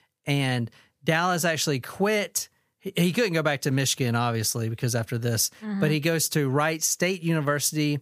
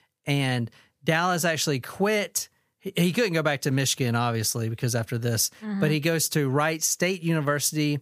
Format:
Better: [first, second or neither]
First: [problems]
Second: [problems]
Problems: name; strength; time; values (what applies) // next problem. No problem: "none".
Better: neither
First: none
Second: none